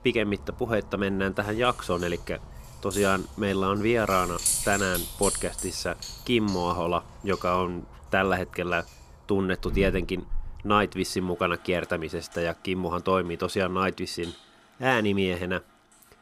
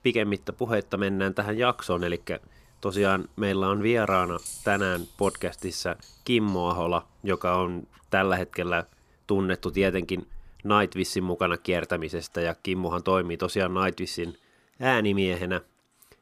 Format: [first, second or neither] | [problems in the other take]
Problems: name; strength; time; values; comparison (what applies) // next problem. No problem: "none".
second | household noises; loud; throughout; 7 dB below the speech; faint in the second